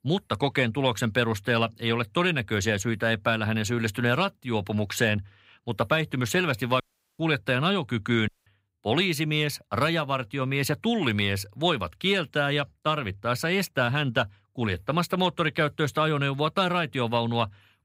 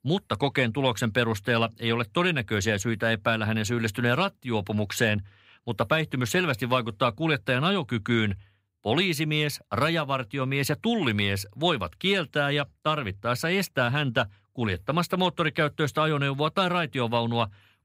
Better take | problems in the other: second | audio cutting out; at 7 s and at 8.5 s

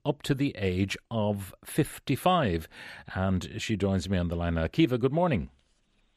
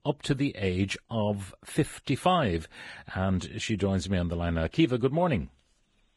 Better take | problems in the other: first | garbled, watery; badly; nothing above 11 kHz

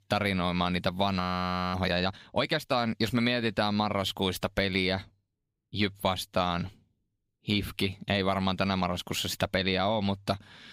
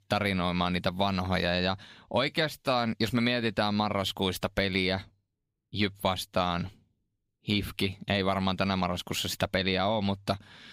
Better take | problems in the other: second | audio freezing; at 1 s for 0.5 s

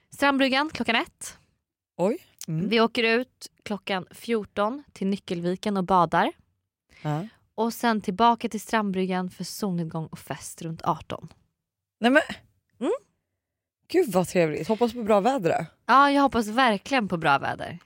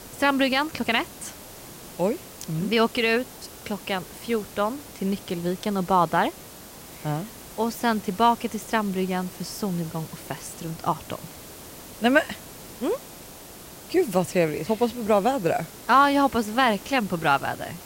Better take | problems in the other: first | hiss; noticeable; throughout; 15 dB below the speech

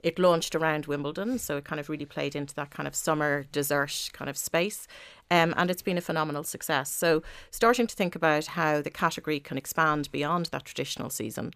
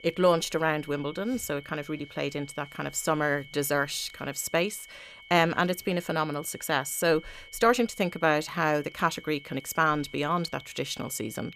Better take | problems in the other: first | high-pitched whine; noticeable; throughout; 2 kHz, 20 dB below the speech

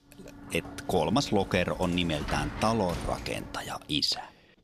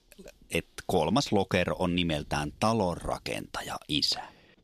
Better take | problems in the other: second | door banging; noticeable; until 4 s; peak 7 dB below the speech

